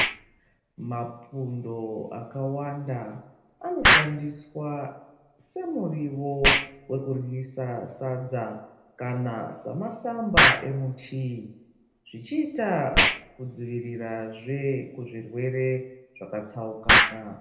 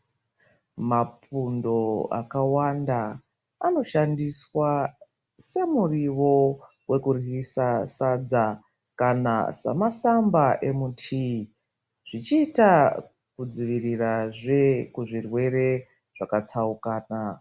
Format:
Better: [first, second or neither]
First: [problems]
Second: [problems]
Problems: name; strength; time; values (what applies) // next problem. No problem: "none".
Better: second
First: background sound (Explosion); 2 dB above the speech // room echo; dies away in 0.6 s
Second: none